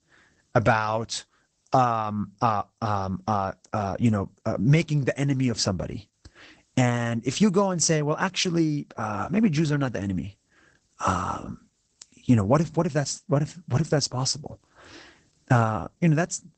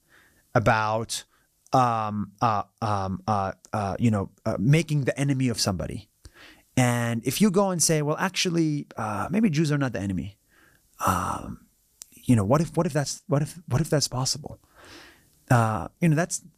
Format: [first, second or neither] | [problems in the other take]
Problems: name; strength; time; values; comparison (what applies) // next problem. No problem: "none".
second | garbled, watery; badly; nothing above 8 kHz